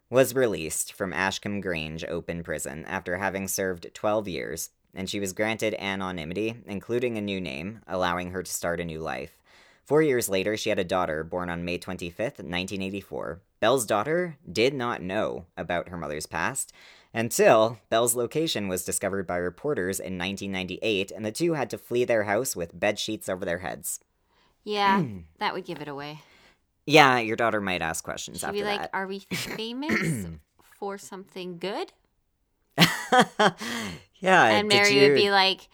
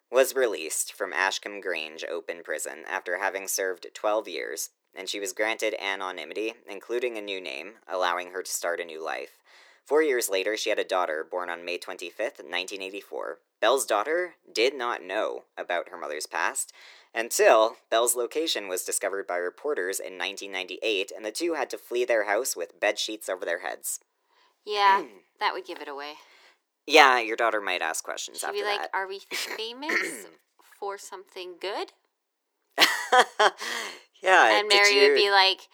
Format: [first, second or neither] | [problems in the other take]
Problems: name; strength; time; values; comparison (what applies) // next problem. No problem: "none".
first | thin; very; fading below 350 Hz